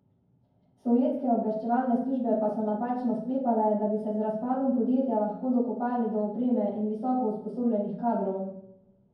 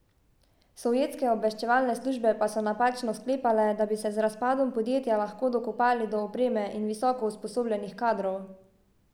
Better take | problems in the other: second | room echo; dies away in 0.9 s

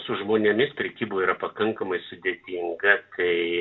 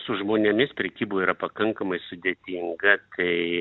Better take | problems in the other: second | room echo; dies away in 0.2 s

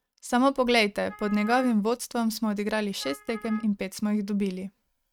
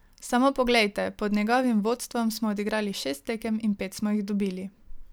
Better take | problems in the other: second | noise reduction (neural mask model RNNoise)

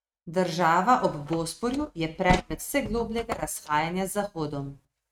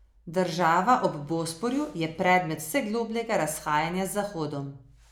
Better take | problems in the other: second | noise reduction (neural mask model RNNoise)

